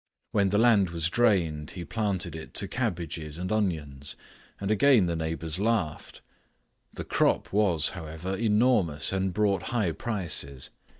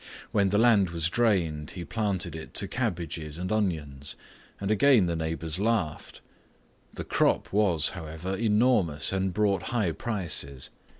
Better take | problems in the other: second | noise reduction (neural mask model DeepFilterNet 3)

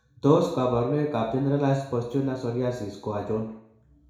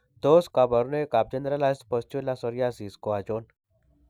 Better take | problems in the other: second | room echo; dies away in 0.6 s

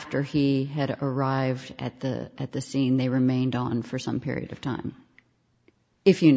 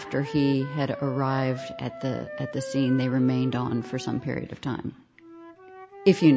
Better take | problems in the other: first | background sound (Wind instrument, woodwind instrument); 14 dB below the speech

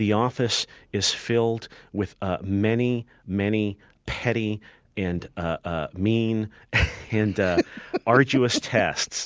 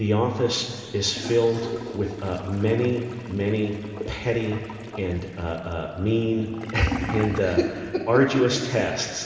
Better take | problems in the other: first | background sound (Toilet flush / Gurgling); 13 dB below the speech // room echo; dies away in 2.3 s

